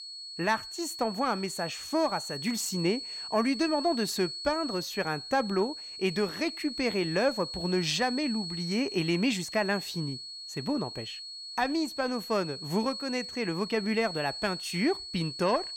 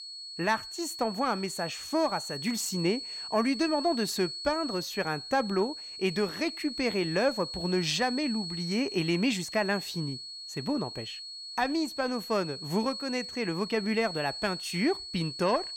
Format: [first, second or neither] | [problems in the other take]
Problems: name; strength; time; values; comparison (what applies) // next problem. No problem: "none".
neither | high-pitched whine; loud; throughout; 4.5 kHz, 7 dB below the speech; the same in both